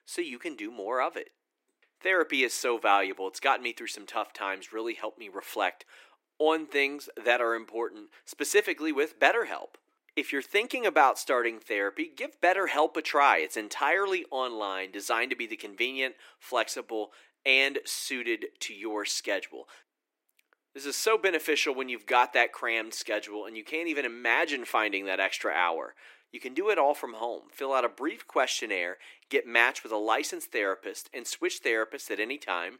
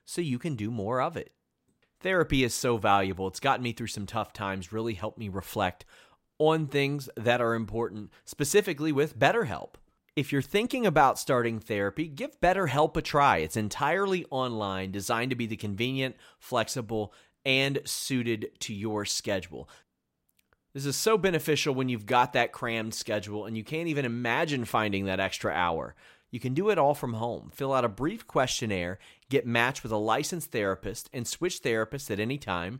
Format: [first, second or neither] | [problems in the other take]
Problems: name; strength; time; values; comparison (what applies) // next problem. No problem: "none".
second | thin; somewhat; fading below 300 Hz